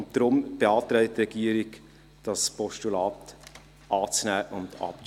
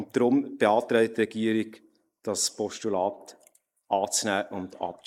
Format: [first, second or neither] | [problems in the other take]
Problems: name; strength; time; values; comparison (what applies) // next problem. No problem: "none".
first | noise reduction (neural mask model Resemble Enhance denoiser)